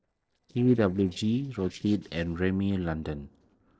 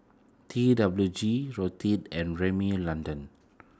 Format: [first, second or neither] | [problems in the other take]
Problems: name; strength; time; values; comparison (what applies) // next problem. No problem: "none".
second | noise reduction (neural separator model SepFormer DNS4)